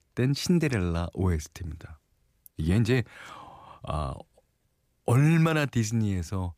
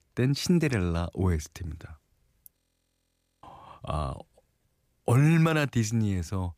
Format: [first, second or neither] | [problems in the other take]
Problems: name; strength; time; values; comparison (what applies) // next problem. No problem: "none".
first | audio freezing; at 2.5 s for 1 s